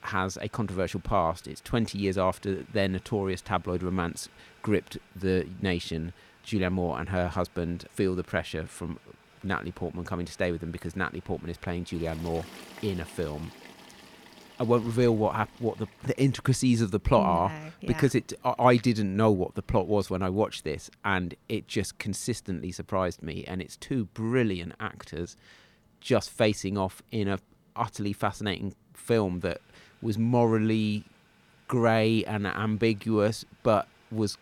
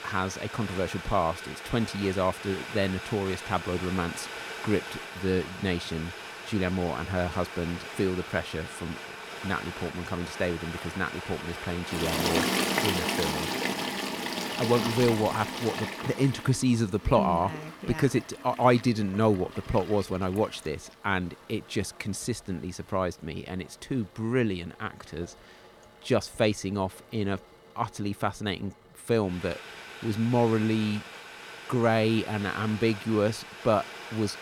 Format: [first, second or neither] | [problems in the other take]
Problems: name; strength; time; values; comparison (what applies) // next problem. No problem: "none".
first | household noises; loud; throughout; 6 dB below the speech; faint in the first